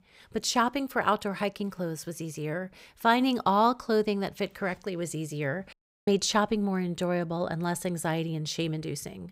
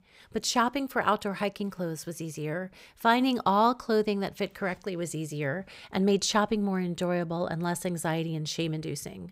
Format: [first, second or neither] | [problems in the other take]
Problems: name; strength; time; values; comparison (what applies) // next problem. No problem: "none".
second | audio cutting out; at 5.5 s